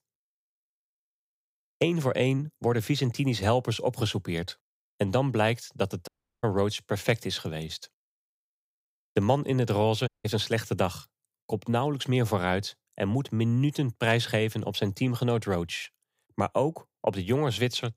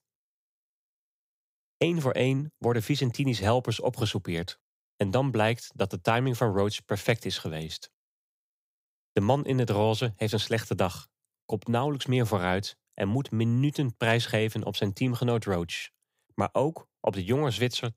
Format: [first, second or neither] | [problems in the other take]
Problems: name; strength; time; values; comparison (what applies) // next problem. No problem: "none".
second | audio cutting out; at 6 s and at 10 s